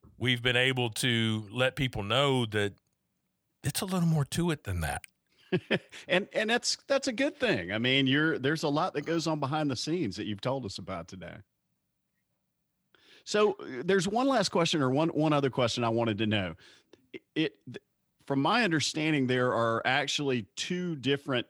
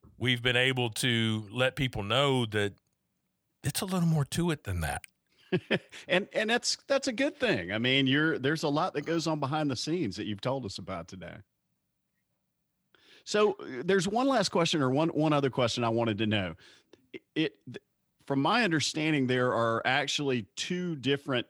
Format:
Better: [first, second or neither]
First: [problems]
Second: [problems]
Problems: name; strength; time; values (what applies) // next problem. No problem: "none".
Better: neither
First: none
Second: none